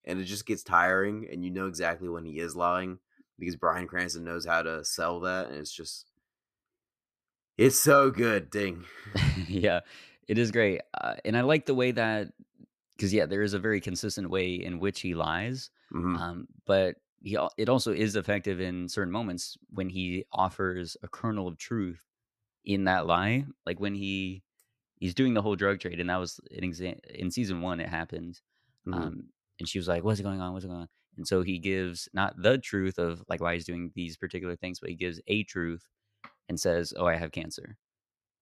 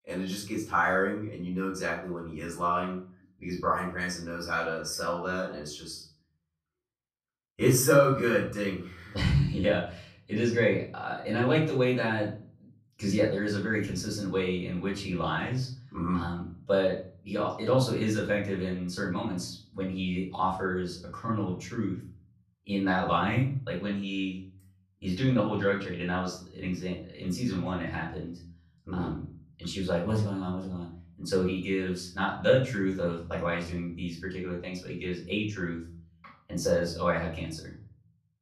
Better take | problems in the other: first | off-mic speech; far // room echo; slight; dies away in 0.5 s

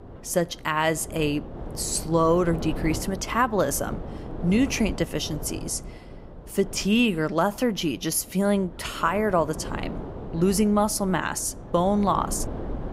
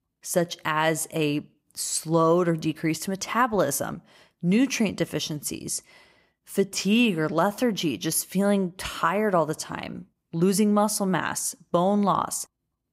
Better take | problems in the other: second | wind noise on the microphone; occasional gusts; 15 dB below the speech

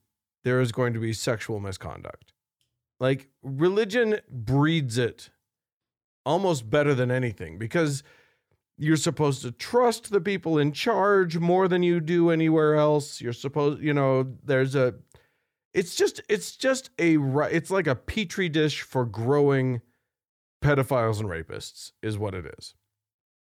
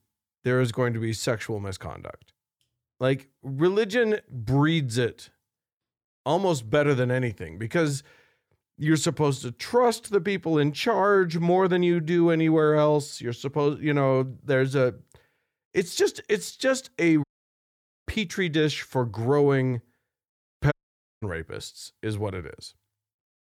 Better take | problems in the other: first | audio cutting out; at 17 s for 1 s and at 21 s for 0.5 s

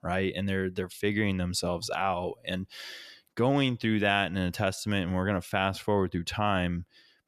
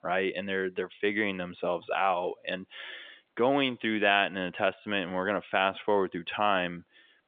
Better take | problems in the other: first | phone-call audio; nothing above 3.5 kHz

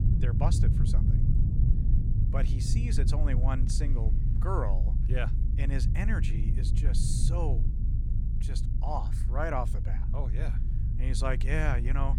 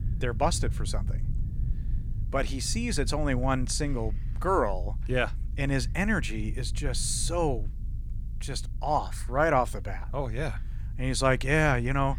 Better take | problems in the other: second | low rumble; loud; throughout; 6 dB below the speech; faint in the second

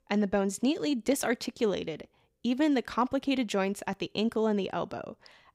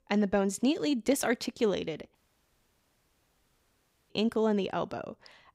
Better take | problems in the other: first | audio cutting out; at 2 s for 2 s

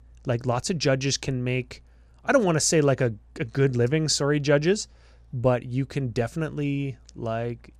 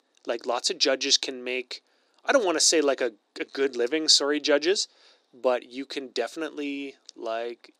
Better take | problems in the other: first | thin; somewhat; fading below 300 Hz

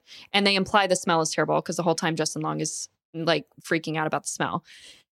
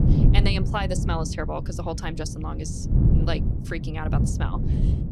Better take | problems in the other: first | wind noise on the microphone; heavy; 5 dB below the speech

